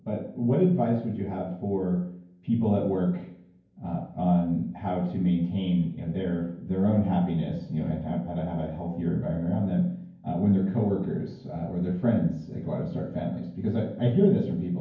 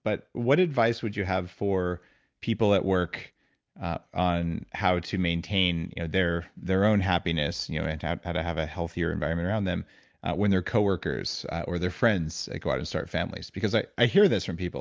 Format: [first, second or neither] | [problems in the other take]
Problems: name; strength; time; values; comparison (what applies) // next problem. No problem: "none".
second | room echo; dies away in 0.9 s